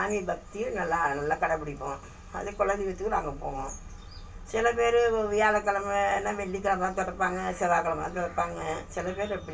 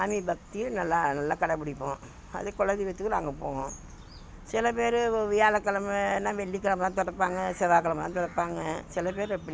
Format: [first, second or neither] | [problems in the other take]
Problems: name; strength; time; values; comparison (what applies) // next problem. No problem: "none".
second | room echo; dies away in 0.2 s